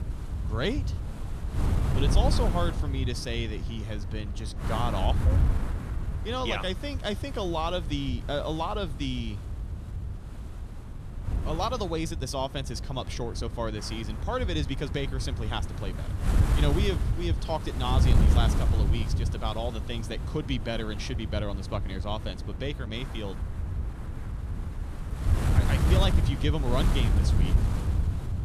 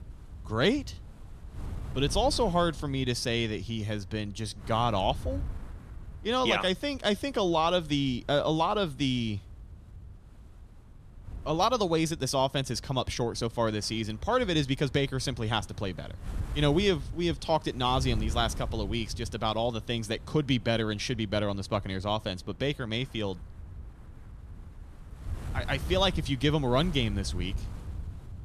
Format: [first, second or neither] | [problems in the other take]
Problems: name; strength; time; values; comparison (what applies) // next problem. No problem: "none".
second | wind noise on the microphone; heavy; 8 dB below the speech; occasional gusts in the second